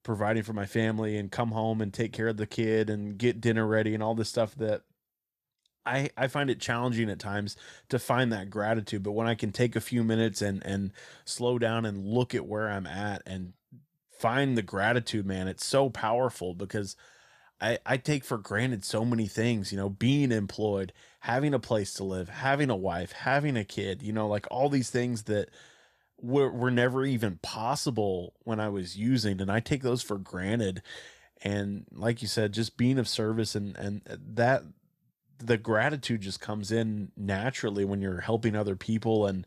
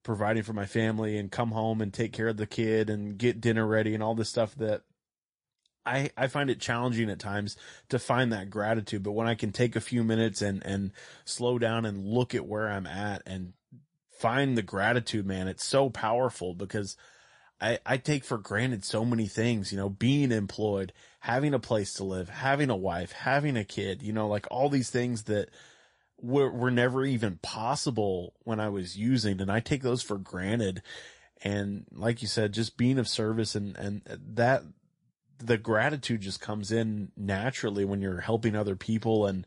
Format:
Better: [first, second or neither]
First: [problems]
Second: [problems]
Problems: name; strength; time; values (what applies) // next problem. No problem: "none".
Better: first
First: none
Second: garbled, watery; slightly; nothing above 10.5 kHz